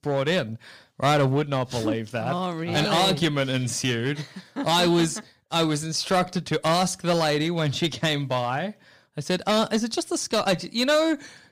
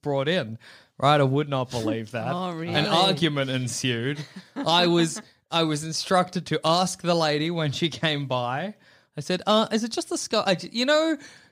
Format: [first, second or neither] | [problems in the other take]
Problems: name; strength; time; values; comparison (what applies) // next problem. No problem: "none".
second | distortion; slight; 6% of the sound clipped